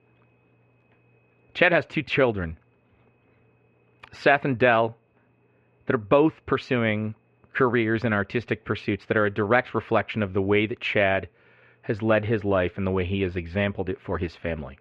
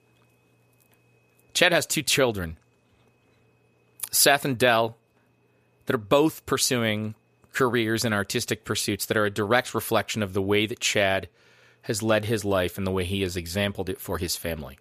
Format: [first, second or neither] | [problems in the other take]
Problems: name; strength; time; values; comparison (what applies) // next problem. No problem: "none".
second | muffled; very; fading above 2.5 kHz